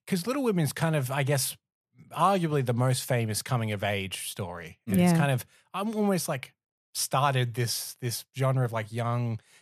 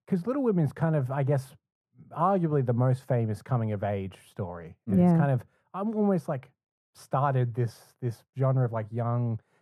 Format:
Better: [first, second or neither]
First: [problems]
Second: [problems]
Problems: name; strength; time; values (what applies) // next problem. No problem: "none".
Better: first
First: none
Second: muffled; very; fading above 1.5 kHz